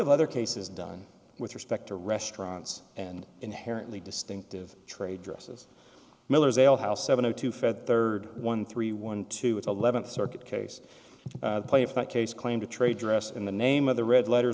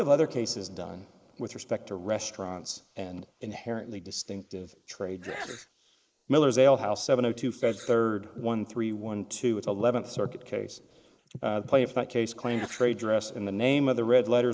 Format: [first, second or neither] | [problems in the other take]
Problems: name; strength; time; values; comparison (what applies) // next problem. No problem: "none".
first | noise reduction (neural mask model Resemble Enhance denoiser)